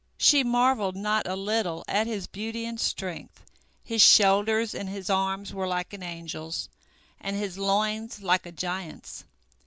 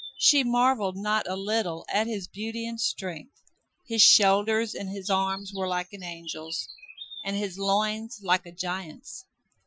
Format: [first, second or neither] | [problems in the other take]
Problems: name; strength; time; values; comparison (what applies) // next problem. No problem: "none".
first | noise reduction (classical method Wiener filter)